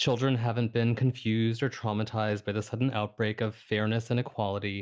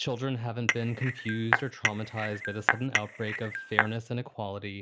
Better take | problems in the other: first | background sound (Cutlery, silverware / Dishes, pots, and pans / Chink, clink); 2 dB above the speech

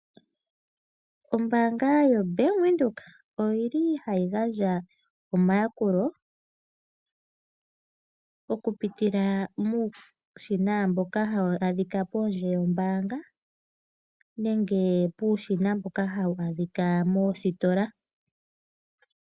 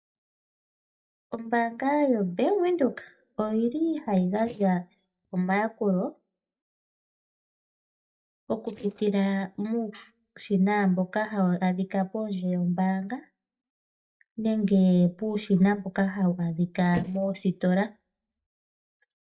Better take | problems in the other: first | noise reduction (neural mask model DeepFilterNet 3)

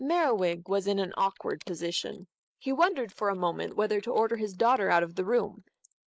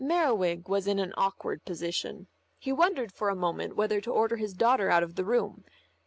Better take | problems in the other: second | noise reduction (neural mask model Resemble Enhance denoiser)

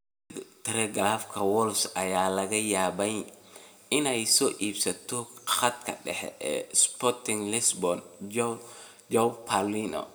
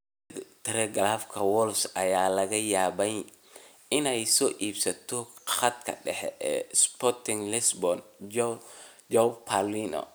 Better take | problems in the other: second | room echo; dies away in 0.7 s

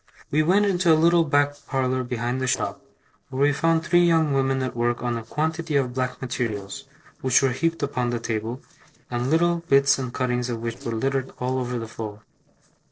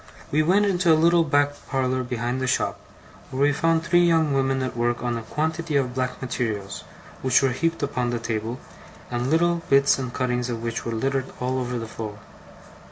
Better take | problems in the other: second | noise reduction (neural separator model SepFormer DNS4)

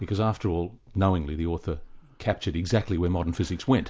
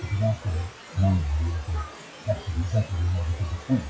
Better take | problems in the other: first | noise reduction (classical method WPE with log-MMSE)

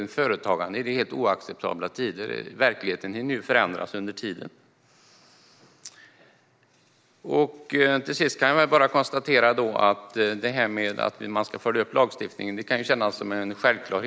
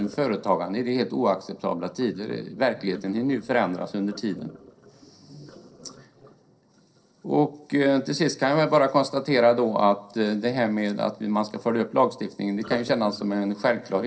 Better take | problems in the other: first | noise reduction (neural separator model SepFormer DNS4)

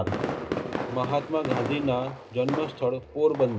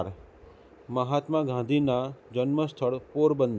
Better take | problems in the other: second | background sound (Fireworks); 5 dB below the speech // room echo; dies away in 0.2 s

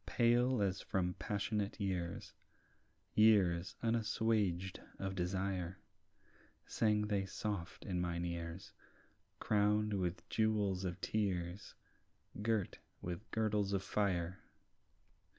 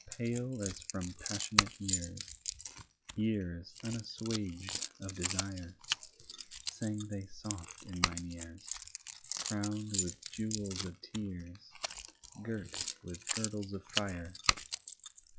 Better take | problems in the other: first | noise reduction (classical method log-MMSE)

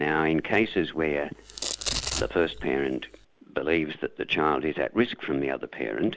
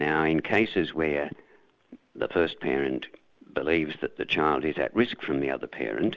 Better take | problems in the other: second | background sound (Domestic sounds, home sounds); 9 dB below the speech

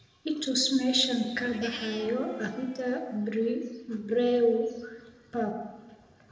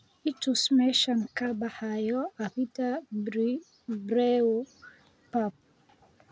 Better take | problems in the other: second | background sound (Livestock, farm animals, working animals); 14 dB below the speech // room echo; dies away in 1.1 s

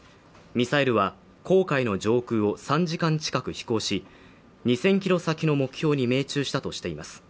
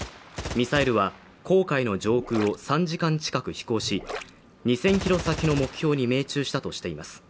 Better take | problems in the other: first | background sound (Gurgling + Gunshot, gunfire); 13 dB below the speech

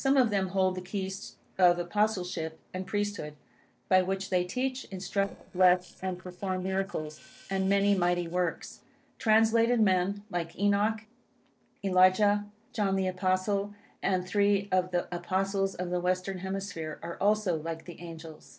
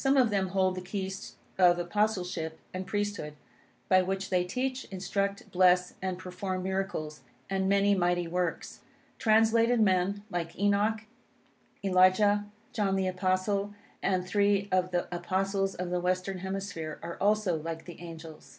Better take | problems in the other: second | noise reduction (neural separator model SepFormer DNS4)

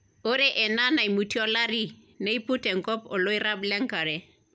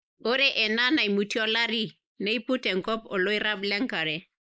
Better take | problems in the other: first | noise reduction (neural mask model Resemble Enhance denoiser)

